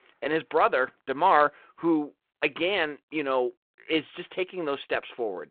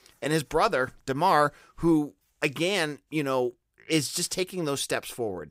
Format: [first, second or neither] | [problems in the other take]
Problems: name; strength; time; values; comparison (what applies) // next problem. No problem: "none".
second | phone-call audio